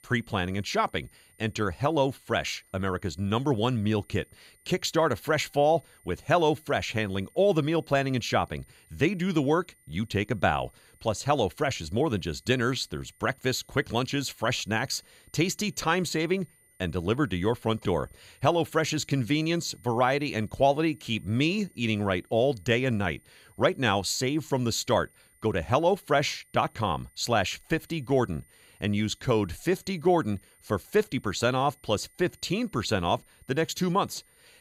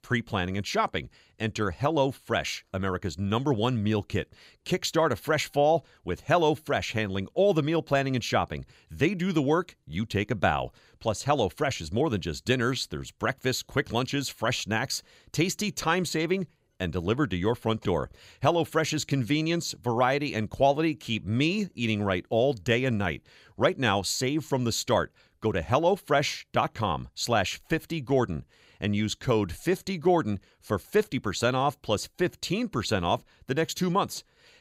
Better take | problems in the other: second | high-pitched whine; faint; throughout; 9 kHz, 30 dB below the speech

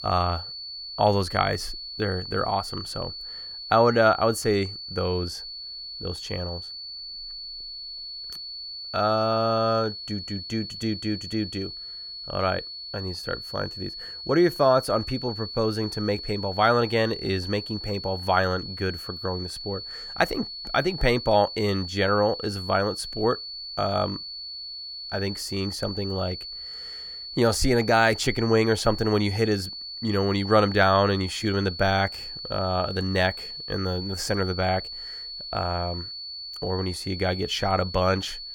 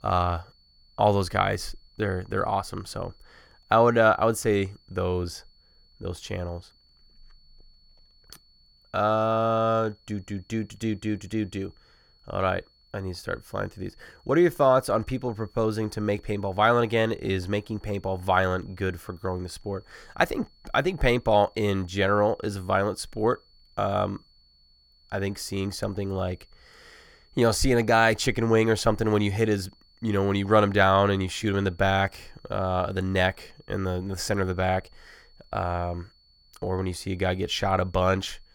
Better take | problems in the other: second | high-pitched whine; loud; throughout; 4.5 kHz, 9 dB below the speech; faint in the second

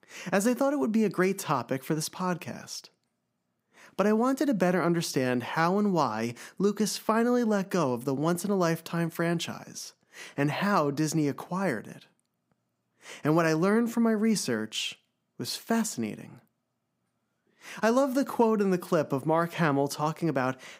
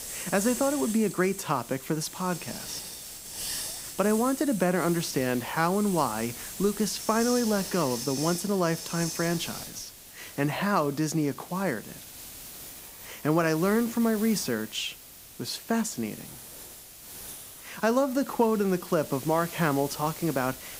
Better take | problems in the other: first | hiss; loud; throughout; 10 dB below the speech

